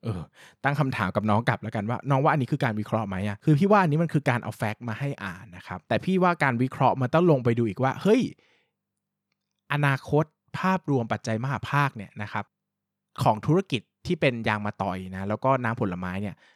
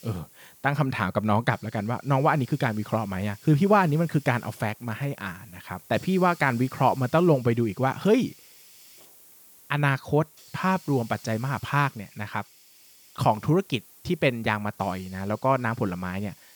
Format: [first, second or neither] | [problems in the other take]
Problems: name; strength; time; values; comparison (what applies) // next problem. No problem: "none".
first | hiss; faint; throughout; 25 dB below the speech